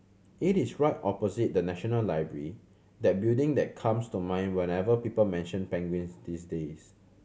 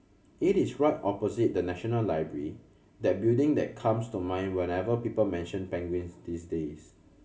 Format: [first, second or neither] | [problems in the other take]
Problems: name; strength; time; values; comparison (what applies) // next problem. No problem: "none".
first | room echo; dies away in 0.4 s